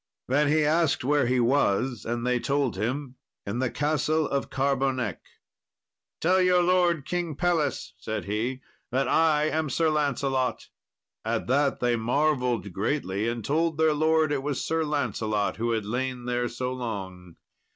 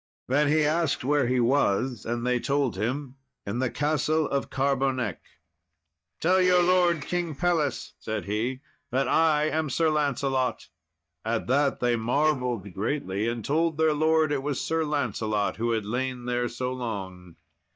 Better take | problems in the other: first | noise reduction (neural mask model DeepFilterNet 3)

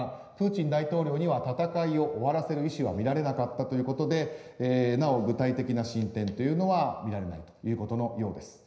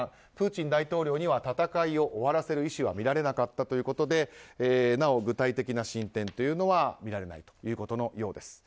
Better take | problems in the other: second | room echo; dies away in 0.9 s

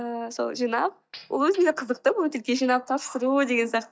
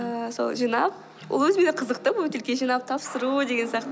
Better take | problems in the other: second | noise reduction (neural mask model DeepFilterNet 3)

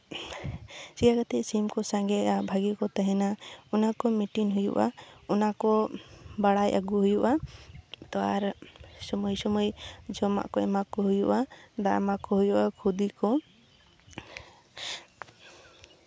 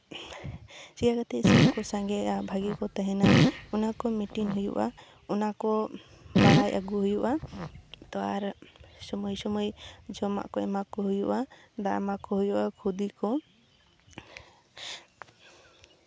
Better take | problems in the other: first | background sound (Fart); 5 dB above the speech

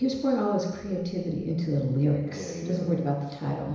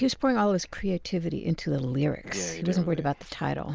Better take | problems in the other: second | room echo; dies away in 1 s

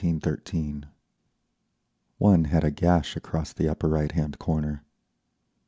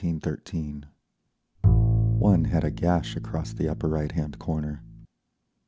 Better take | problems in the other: first | background sound (Bowed string instrument); 2 dB above the speech

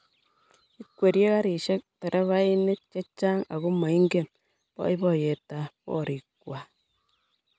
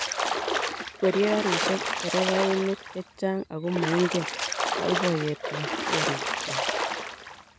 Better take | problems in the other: first | background sound (Splash, splatter); 1 dB below the speech

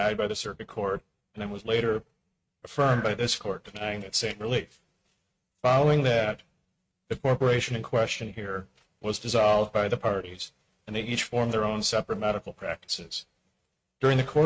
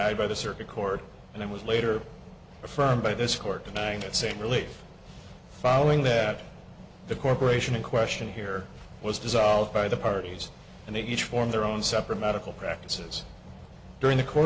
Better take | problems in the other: second | noise reduction (neural mask model RNNoise)

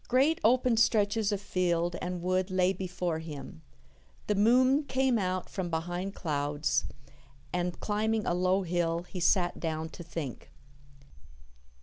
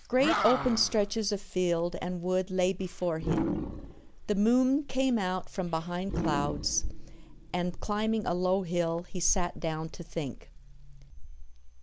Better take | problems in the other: first | background sound (Animal); 9 dB below the speech

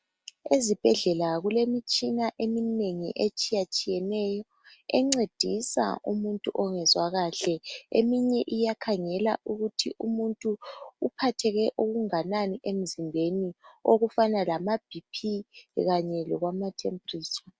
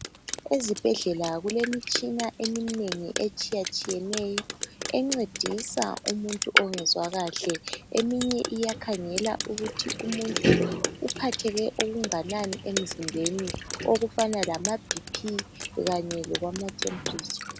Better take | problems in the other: first | background sound (Drip); 3 dB below the speech

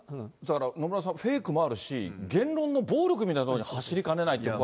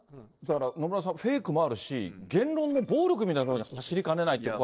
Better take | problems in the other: first | noise reduction (neural separator model SepFormer DNS4)

